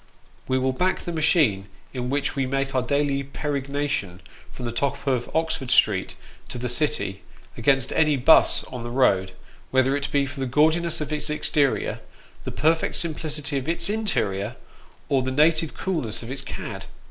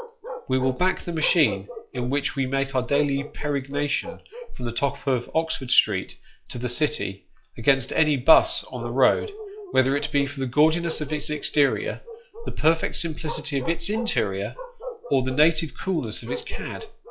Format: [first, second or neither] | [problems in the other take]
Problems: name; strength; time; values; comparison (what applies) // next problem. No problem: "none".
first | noise reduction (classical method log-MMSE)